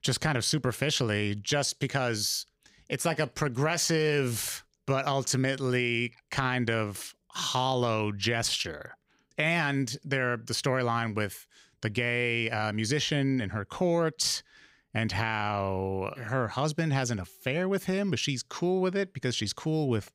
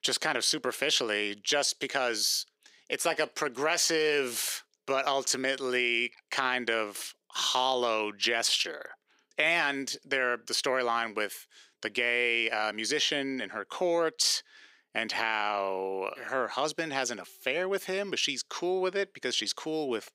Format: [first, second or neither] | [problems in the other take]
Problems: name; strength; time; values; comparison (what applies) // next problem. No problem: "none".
first | thin; somewhat; fading below 350 Hz